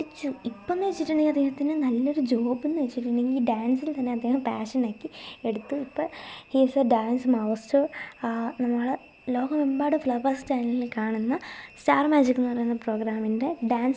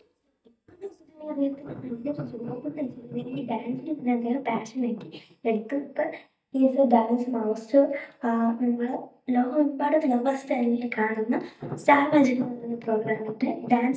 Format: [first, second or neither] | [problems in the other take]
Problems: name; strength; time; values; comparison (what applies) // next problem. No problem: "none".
first | noise reduction (neural mask model DeepFilterNet 3)